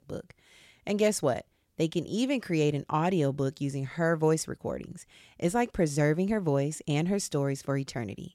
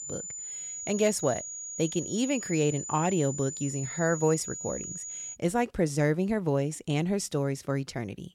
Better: first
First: none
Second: high-pitched whine; loud; until 5.5 s; 7 kHz, 7 dB below the speech

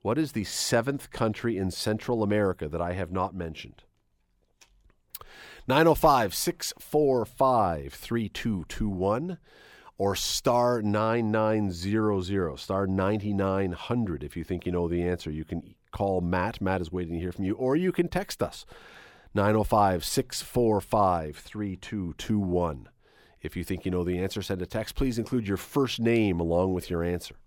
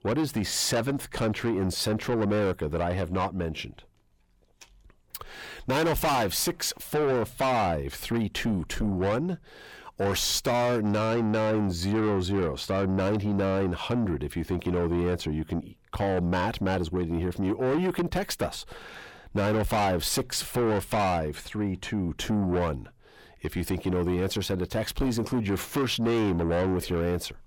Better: first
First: none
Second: distortion; heavy; 7 dB below the speech

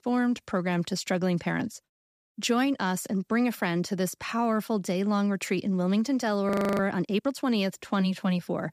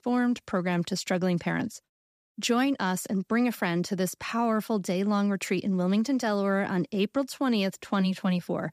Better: second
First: audio freezing; at 6.5 s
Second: none

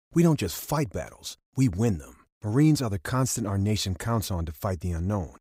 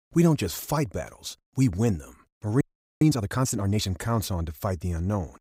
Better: first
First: none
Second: audio freezing; at 2.5 s

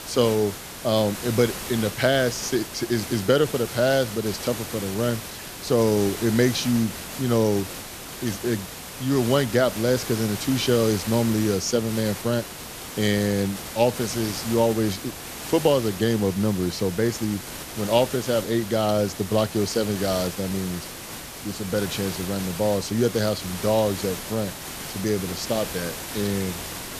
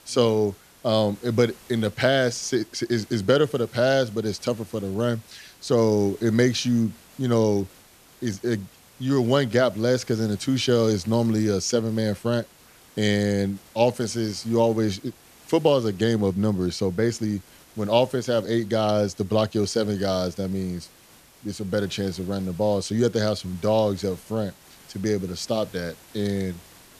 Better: second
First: hiss; loud; throughout; 9 dB below the speech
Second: hiss; faint; throughout; 25 dB below the speech

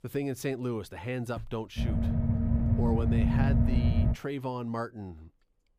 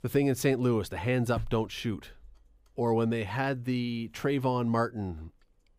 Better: second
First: low rumble; loud; from 2 to 4 s; as loud as the speech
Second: none

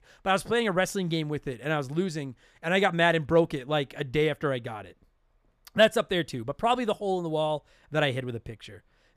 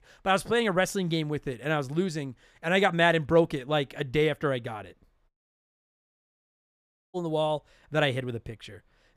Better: first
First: none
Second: audio cutting out; at 5.5 s for 2 s

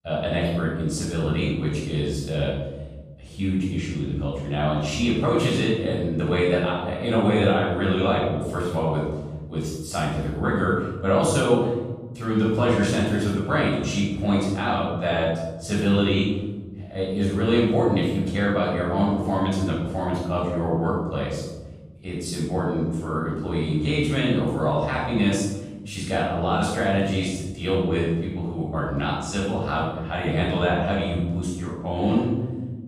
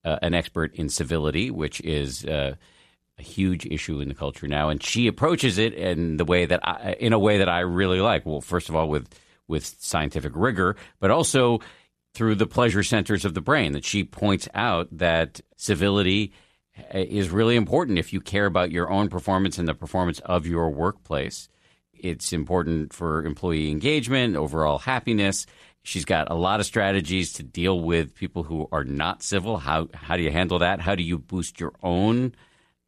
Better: second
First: off-mic speech; far // room echo; strong; dies away in 1.6 s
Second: none

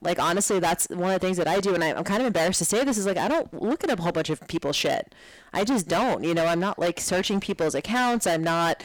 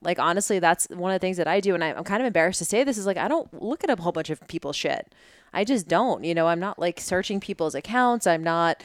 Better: second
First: distortion; heavy; 23% of the sound clipped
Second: none

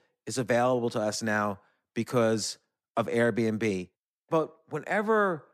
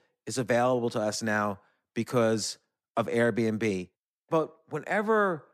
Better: neither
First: none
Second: none

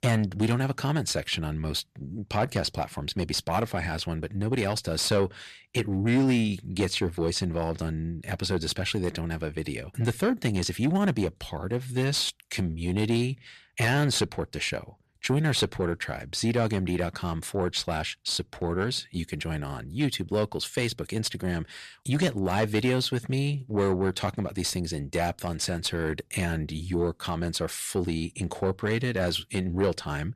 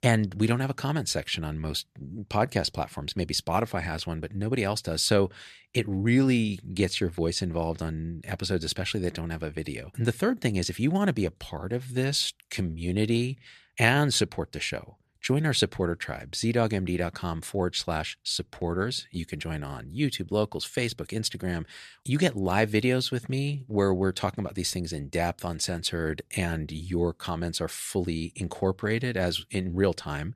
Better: second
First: distortion; slight; 10 dB below the speech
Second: none

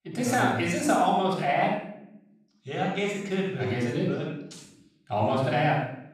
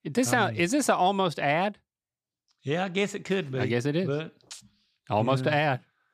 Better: second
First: off-mic speech; far // room echo; strong; dies away in 0.6 s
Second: none

